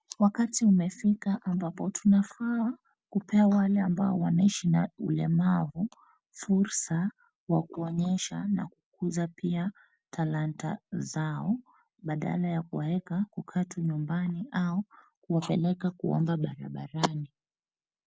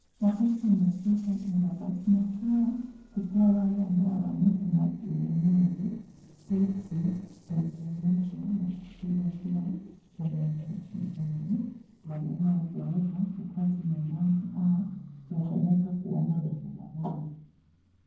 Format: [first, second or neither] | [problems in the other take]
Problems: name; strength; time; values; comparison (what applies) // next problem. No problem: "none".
first | noise reduction (neural separator model SepFormer DNS4)